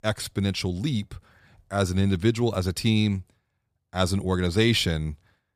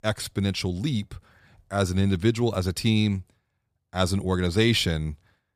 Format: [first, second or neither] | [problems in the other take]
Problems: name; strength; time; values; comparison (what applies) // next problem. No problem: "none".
neither | none